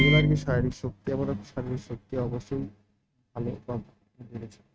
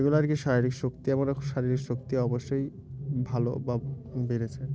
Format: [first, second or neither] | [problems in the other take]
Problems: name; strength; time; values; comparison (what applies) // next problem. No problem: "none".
second | noise reduction (neural mask model RNNoise)